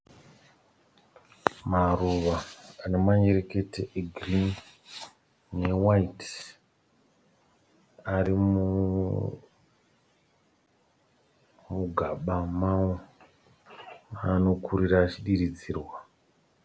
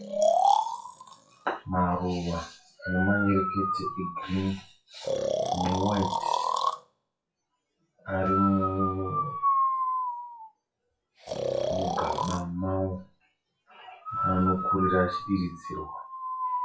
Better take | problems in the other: first | noise reduction (classical method WPE with log-MMSE)

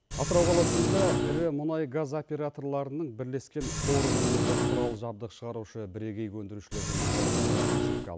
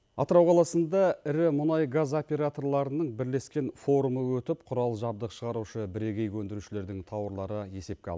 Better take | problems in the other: second | background sound (Engine); 4 dB above the speech

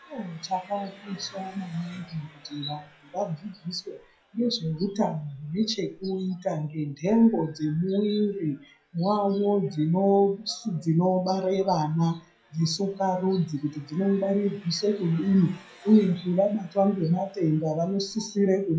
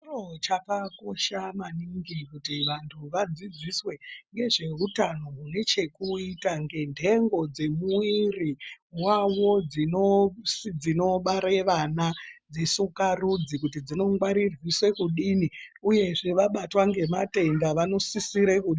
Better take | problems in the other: second | noise reduction (classical method WPE with log-MMSE)

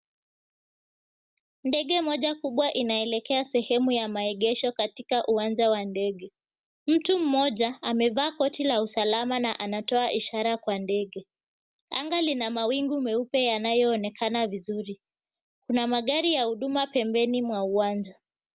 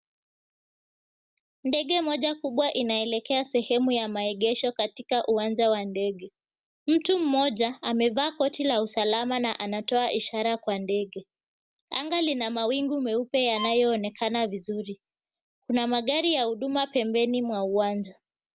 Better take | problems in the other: first | background sound (Bowed string instrument); 13 dB below the speech

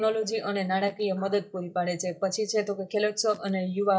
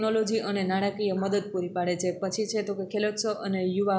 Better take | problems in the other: second | noise reduction (neural mask model DeepFilterNet 3)

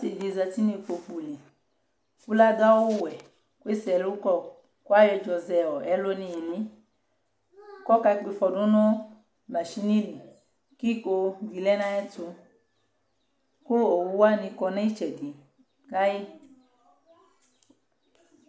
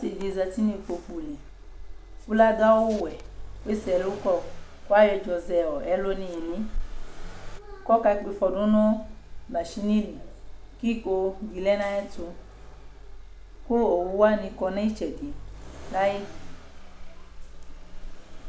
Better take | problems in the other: first | background sound (Accelerating, revving, vroom); 10 dB below the speech

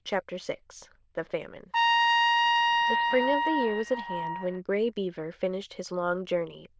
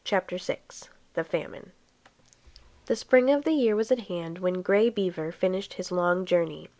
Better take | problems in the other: second | noise reduction (neural diffusion model UNIVERSE++)

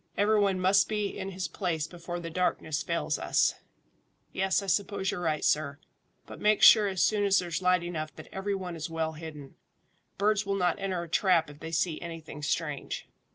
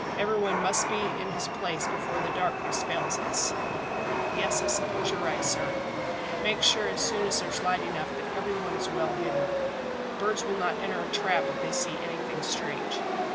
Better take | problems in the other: first | background sound (Chatter / Subway, metro, underground); 2 dB above the speech

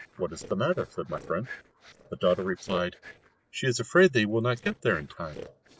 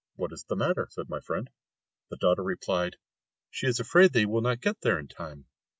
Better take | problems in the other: second | noise reduction (neural separator model SepFormer DNS4)

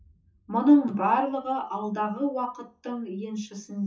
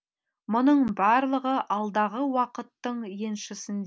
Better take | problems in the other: second | noise reduction (classical method WPE with log-MMSE)

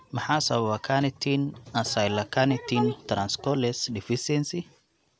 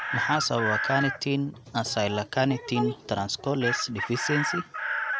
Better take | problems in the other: first | background sound (Chicken, rooster); 4 dB below the speech

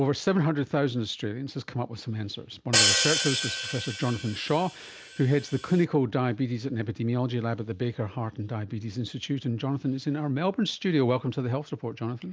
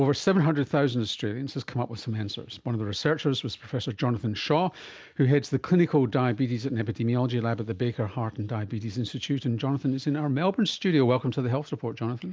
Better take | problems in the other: second | background sound (Hi-hat); as loud as the speech

